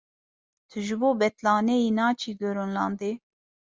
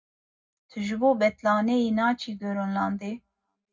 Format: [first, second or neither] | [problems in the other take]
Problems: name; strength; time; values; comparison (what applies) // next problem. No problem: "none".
first | room echo; dies away in 0.3 s